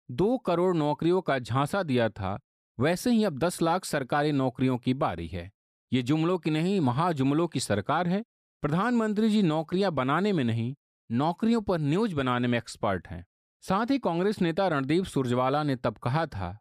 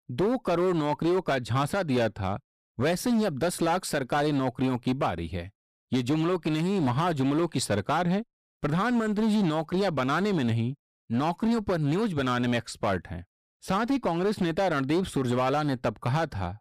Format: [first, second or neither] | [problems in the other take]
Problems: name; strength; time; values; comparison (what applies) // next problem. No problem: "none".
first | distortion; slight; 13% of the sound clipped